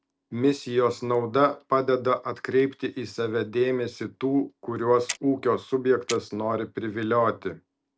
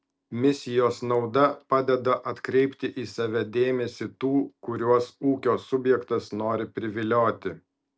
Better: second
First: background sound (Clock); 15 dB below the speech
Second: none

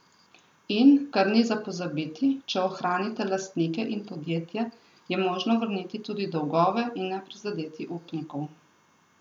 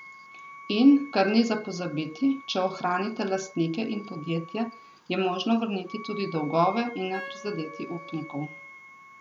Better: first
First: none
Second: background sound (Wind instrument, woodwind instrument + Wind instrument, woodwind instrument); 18 dB below the speech

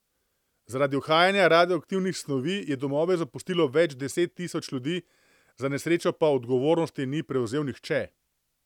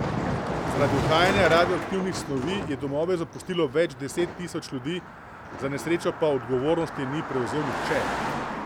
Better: first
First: none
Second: background sound (Car passing by); 4 dB below the speech

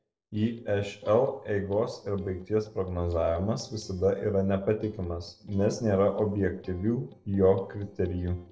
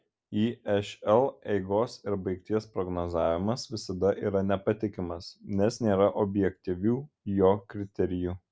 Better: second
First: noise reduction (neural separator model SepFormer DNS4)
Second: none

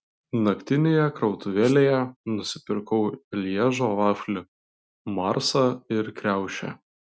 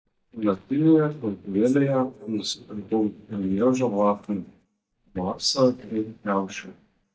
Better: first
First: none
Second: noise reduction (neural mask model DeepFilterNet 3)

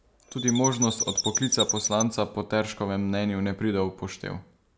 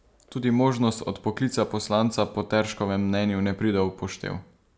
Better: second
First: background sound (Chirp, tweet); 2 dB below the speech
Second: none

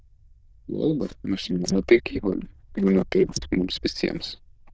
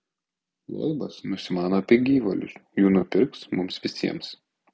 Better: second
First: noise reduction (neural diffusion model UNIVERSE++)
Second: none

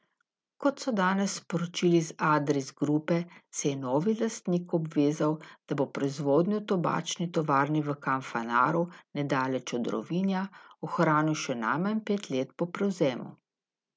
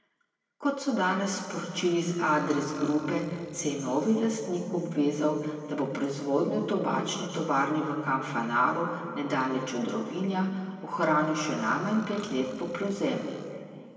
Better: first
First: none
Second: background sound (Burping, eructation); 19 dB below the speech // room echo; dies away in 2.1 s

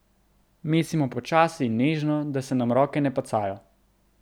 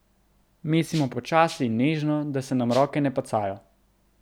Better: first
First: none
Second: background sound (Rattle (instrument)); 17 dB below the speech

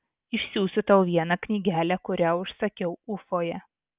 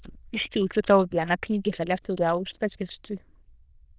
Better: first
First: none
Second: noise reduction (neural diffusion model UNIVERSE++)

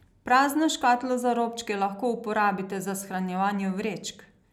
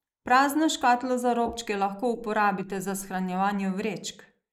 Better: first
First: none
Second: noise reduction (neural mask model Resemble Enhance denoiser)

